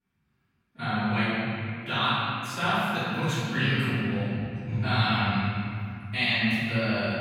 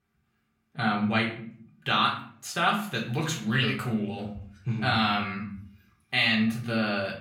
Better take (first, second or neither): second